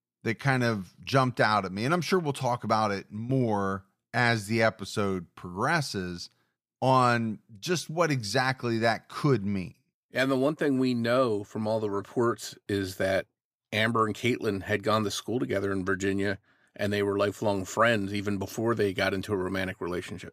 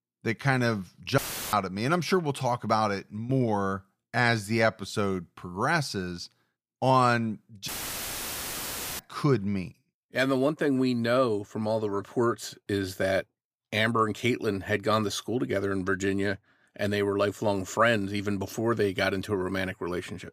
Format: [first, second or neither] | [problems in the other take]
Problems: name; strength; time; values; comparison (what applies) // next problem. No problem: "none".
first | audio cutting out; filled with static; at 1 s and at 7.5 s for 1.5 s